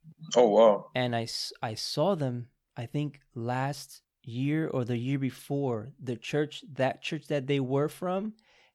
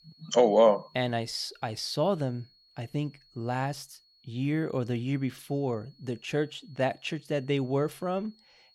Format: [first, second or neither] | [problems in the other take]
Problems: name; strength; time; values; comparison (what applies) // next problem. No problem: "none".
first | high-pitched whine; faint; throughout; 4.5 kHz, 30 dB below the speech